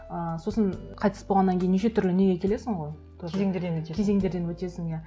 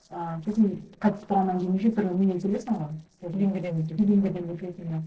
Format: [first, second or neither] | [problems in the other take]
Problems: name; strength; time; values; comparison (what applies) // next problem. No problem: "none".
first | noise reduction (neural separator model SepFormer DNS4)